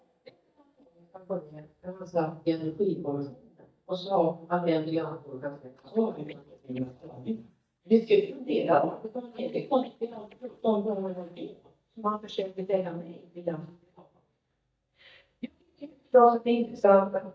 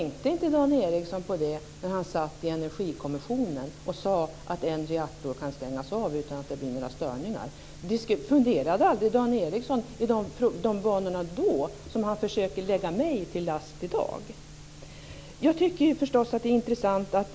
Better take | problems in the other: second | noise reduction (neural mask model DeepFilterNet 3)

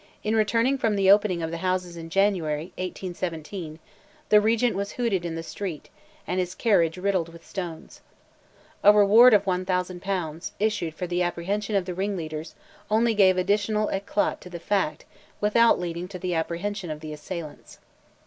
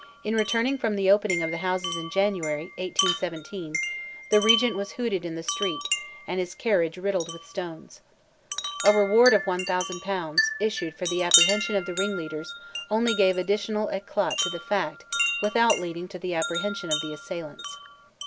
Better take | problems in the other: first | background sound (Wind chime); 5 dB below the speech

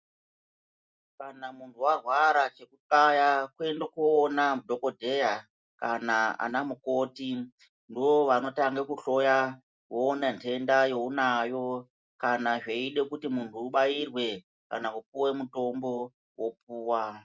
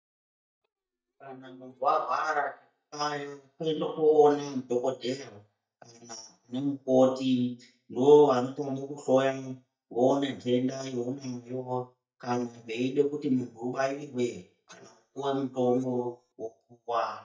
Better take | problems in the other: first | noise reduction (neural mask model DeepFilterNet 3)

